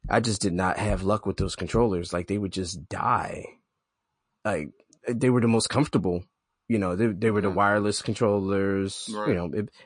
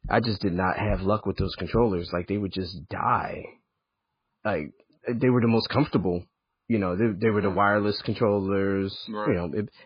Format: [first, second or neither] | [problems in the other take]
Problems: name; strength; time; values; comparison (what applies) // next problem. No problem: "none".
first | garbled, watery; badly; nothing above 4 kHz; slightly in the first